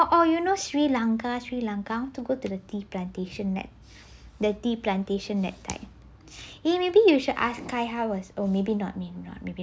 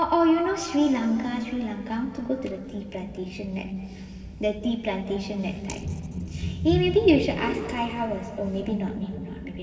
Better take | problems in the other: first | background sound (Thunder); 10 dB below the speech // room echo; dies away in 2.2 s

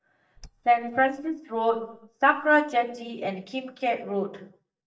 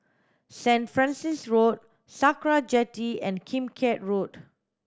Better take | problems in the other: second | noise reduction (neural mask model DeepFilterNet 3)

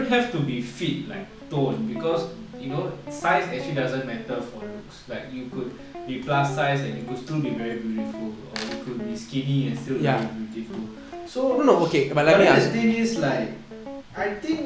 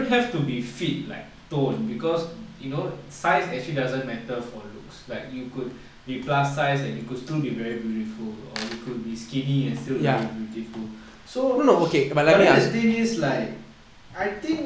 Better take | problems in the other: second | background sound (Guitar); 14 dB below the speech

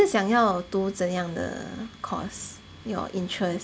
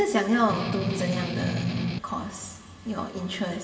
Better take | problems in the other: first | background sound (Strum); 1 dB below the speech // room echo; dies away in 1.9 s

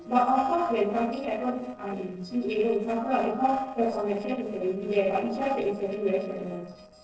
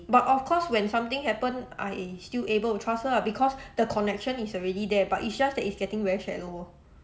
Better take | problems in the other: second | noise reduction (neural separator model SepFormer DNS4)

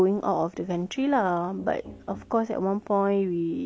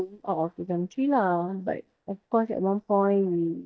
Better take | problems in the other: first | noise reduction (neural mask model DeepFilterNet 3)

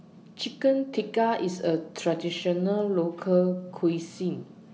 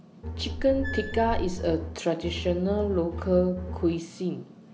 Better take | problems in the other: first | background sound (Bowed string instrument + Squeak / Screech); 6 dB below the speech

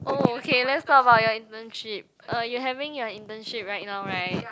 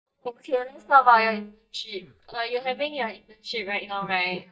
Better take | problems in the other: first | noise reduction (neural mask model DeepFilterNet 3)

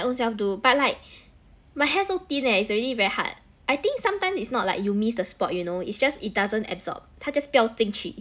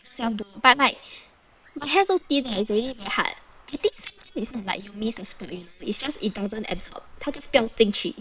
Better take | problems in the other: first | noise reduction (neural separator model SepFormer WHAM!)

